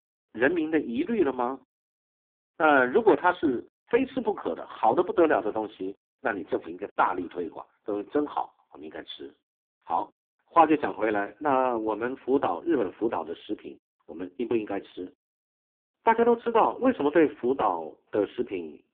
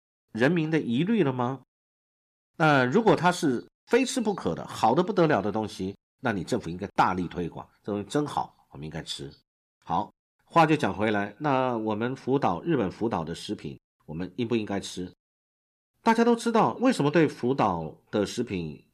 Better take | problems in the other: second | phone-call audio; poor line; nothing above 3.5 kHz

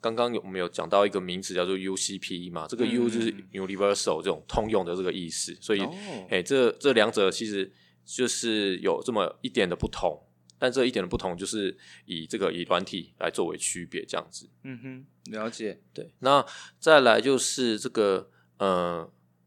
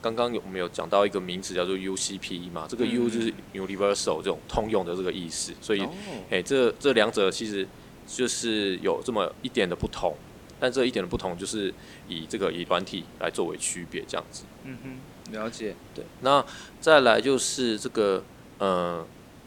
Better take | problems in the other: first | hiss; faint; throughout; 20 dB below the speech

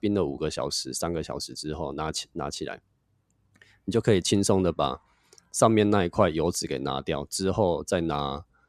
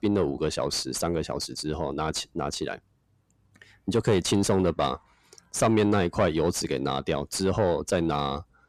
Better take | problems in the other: first | distortion; slight; 10 dB below the speech

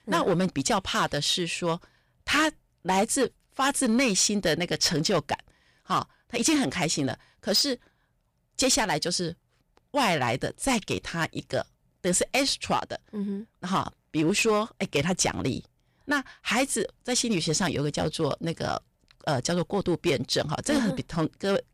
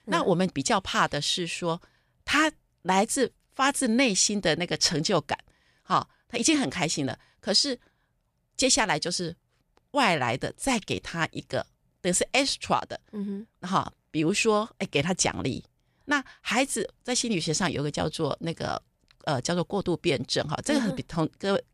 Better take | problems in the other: second | distortion; slight; 4% of the sound clipped

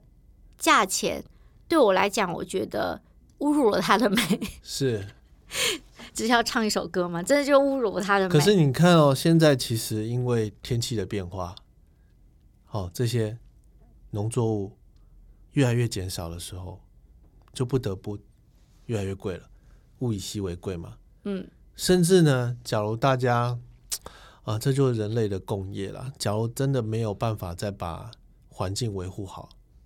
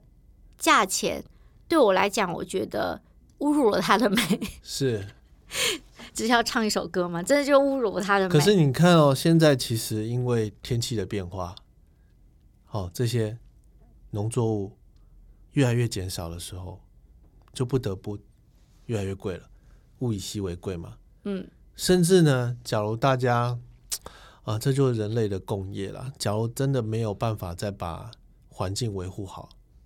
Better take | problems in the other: neither | none

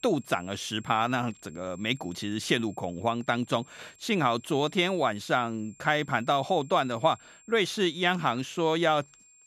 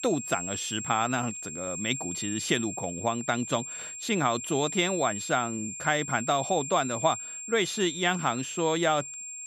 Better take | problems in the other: first | high-pitched whine; loud; throughout; 7.5 kHz, 6 dB below the speech; faint in the first

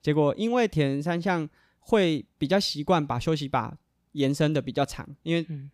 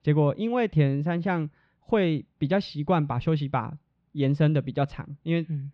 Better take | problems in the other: first | muffled; slightly; fading above 3 kHz

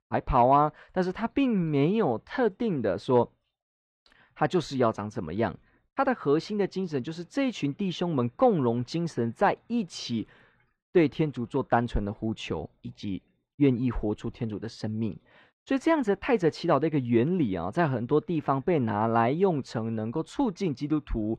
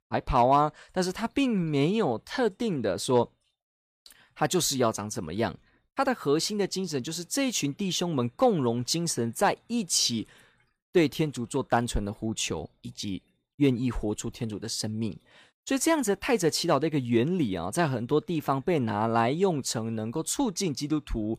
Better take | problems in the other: second | muffled; very; fading above 2.5 kHz

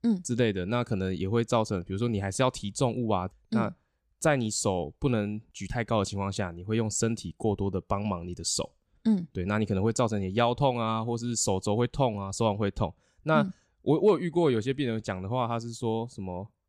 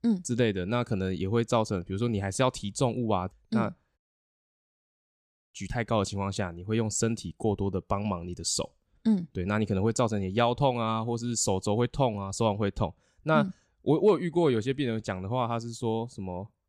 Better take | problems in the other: first | audio cutting out; at 4 s for 1.5 s

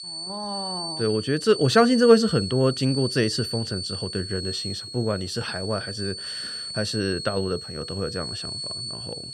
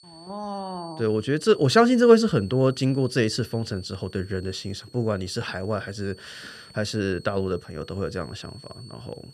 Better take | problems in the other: second | high-pitched whine; loud; throughout; 4.5 kHz, 7 dB below the speech; faint in the second

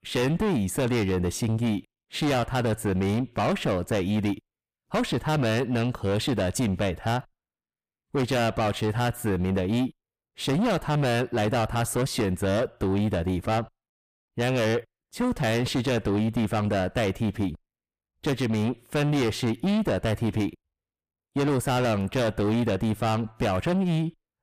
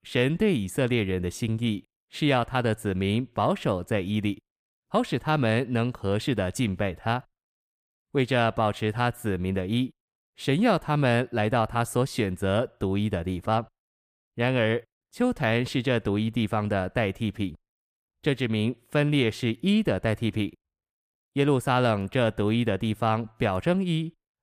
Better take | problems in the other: second | distortion; heavy; 6 dB below the speech

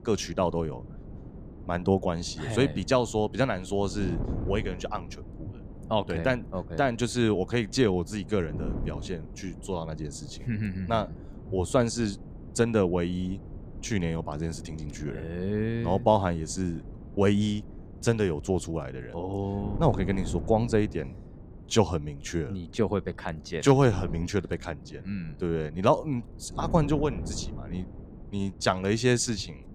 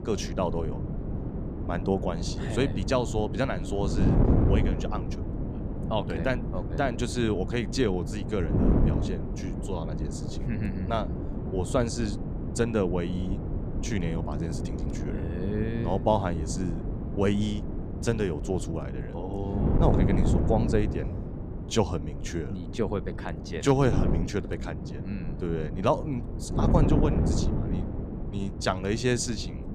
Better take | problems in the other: first | wind noise on the microphone; heavy; 6 dB below the speech; occasional gusts in the first

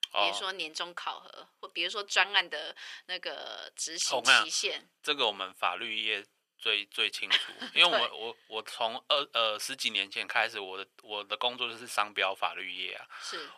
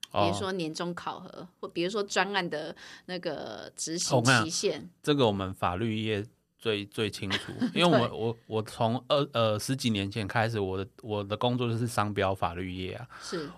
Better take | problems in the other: second | thin; very; fading below 650 Hz

